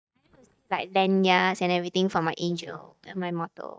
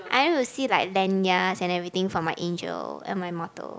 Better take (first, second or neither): second